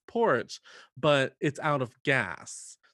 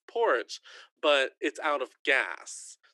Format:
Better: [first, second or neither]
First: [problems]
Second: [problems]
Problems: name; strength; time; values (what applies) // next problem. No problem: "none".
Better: first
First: none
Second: thin; somewhat; fading below 300 Hz